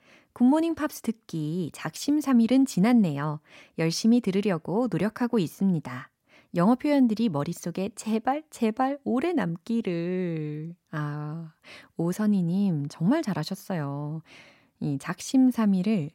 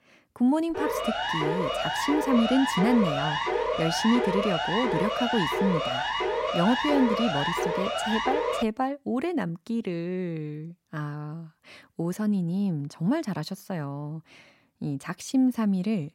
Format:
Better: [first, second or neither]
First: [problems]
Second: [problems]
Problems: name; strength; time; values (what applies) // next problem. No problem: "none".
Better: first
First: none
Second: siren; loud; from 0.5 to 8.5 s; peak 1 dB above the speech